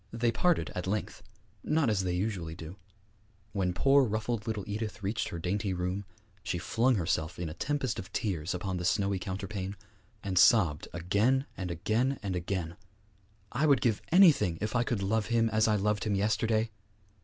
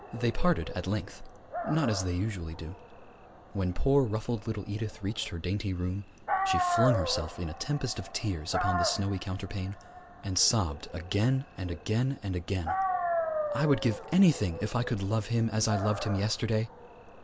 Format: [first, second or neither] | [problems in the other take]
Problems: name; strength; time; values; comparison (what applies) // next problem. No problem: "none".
first | background sound (Dog); 6 dB below the speech